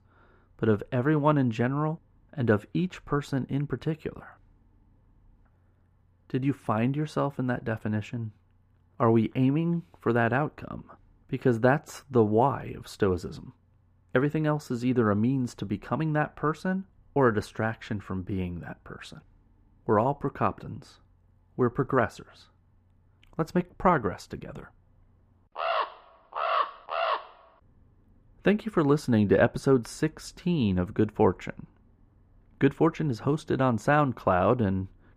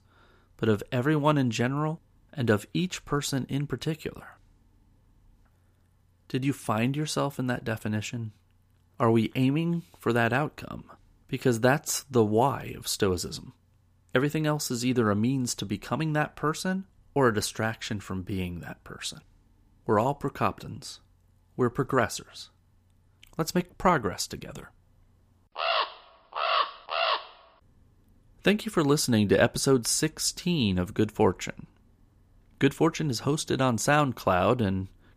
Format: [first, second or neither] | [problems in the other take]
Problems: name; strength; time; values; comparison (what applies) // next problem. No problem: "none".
second | muffled; slightly; fading above 3 kHz